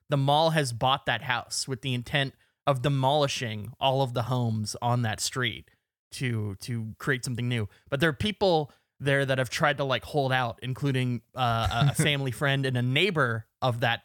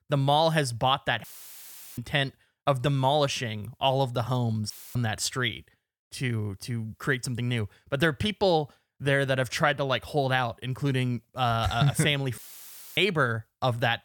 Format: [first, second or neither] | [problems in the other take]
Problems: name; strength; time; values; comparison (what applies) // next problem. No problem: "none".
first | audio cutting out; filled with static; at 1 s for 0.5 s, at 4.5 s and at 12 s for 0.5 s